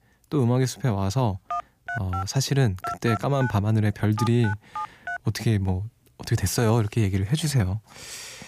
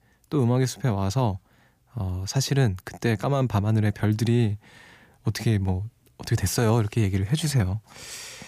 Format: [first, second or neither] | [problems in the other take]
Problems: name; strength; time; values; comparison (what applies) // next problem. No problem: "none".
second | phone ringing; noticeable; from 1.5 to 5 s; peak 7 dB below the speech